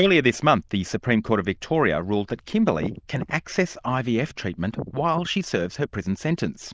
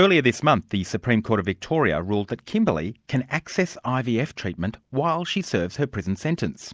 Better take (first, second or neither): second